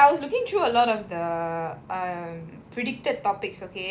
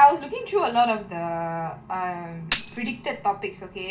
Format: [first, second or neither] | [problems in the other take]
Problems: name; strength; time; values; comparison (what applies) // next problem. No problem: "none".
first | background sound (Tambourine); 12 dB below the speech // room echo; dies away in 0.2 s